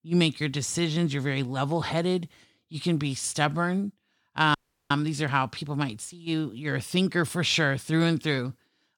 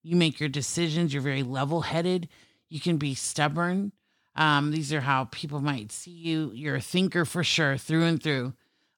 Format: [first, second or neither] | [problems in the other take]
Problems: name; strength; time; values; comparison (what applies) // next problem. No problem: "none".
second | audio freezing; at 4.5 s